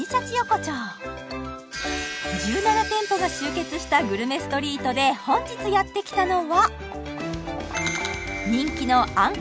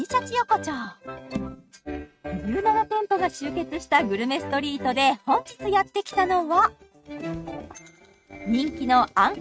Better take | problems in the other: first | noise reduction (neural mask model RNNoise)

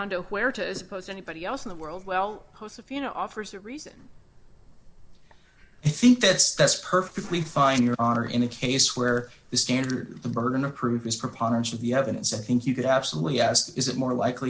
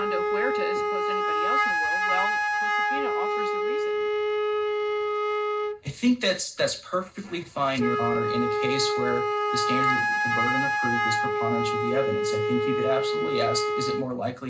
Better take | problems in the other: first | background sound (Wind instrument, woodwind instrument); 5 dB above the speech // room echo; dies away in 0.2 s

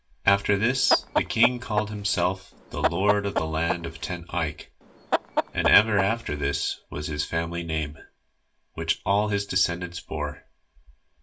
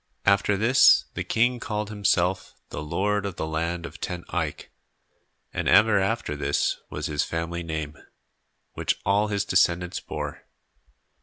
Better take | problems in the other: second | background sound (Chicken, rooster); 3 dB below the speech // room echo; dies away in 0.1 s

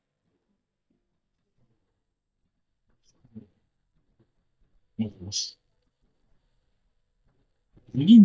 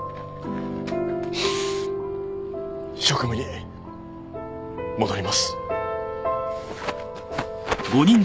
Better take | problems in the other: second | noise reduction (neural mask model DeepFilterNet 3)

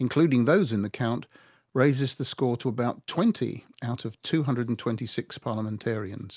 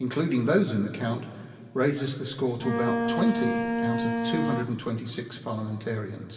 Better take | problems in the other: first | background sound (Bowed string instrument); as loud as the speech // room echo; dies away in 2.3 s

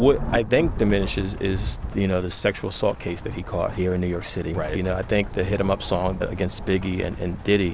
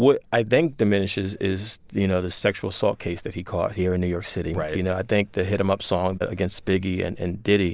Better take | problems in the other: second | background sound (Rain / Thunderstorm); 8 dB below the speech

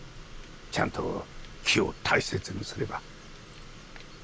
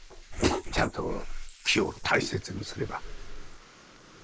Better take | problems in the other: first | noise reduction (neural mask model Resemble Enhance denoiser)

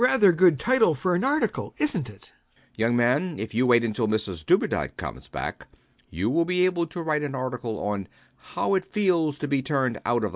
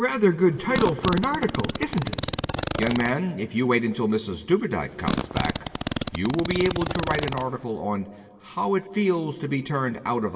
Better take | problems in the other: first | background sound (Fart); 4 dB below the speech // room echo; dies away in 1.5 s

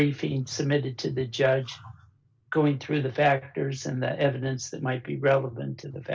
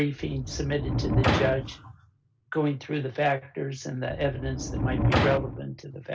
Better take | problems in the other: first | background sound (Sliding door); 1 dB above the speech

